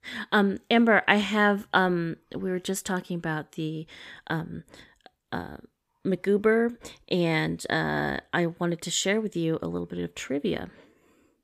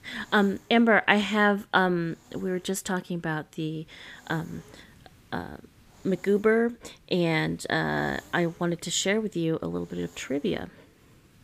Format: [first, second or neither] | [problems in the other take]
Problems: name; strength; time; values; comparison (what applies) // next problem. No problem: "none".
first | hiss; faint; throughout; 30 dB below the speech